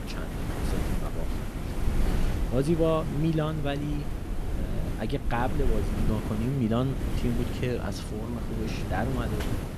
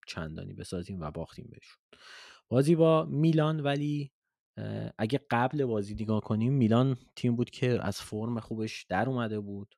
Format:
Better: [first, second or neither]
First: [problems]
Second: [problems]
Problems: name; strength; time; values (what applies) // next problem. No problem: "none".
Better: second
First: wind noise on the microphone; heavy; 6 dB below the speech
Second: none